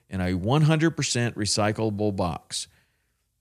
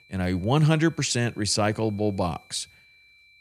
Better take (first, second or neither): first